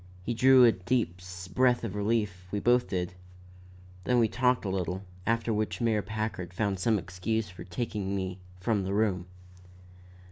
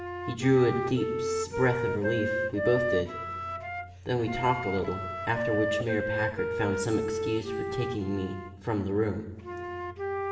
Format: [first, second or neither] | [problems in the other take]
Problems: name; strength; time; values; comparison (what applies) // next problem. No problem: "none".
first | background sound (Wind instrument, woodwind instrument); 3 dB below the speech // room echo; dies away in 2.5 s